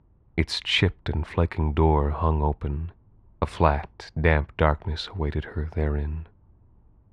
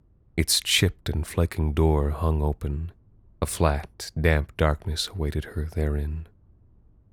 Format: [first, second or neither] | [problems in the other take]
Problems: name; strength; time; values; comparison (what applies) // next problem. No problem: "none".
second | muffled; slightly; fading above 2.5 kHz